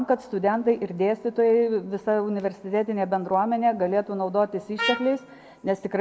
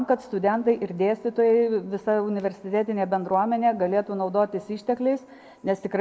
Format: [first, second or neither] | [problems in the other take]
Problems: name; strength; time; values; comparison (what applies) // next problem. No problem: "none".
second | background sound (Trumpet); 8 dB below the speech